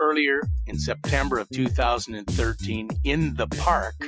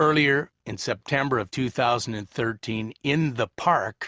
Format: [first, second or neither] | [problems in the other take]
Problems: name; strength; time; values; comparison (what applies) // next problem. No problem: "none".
second | noise reduction (classical method Wiener filter)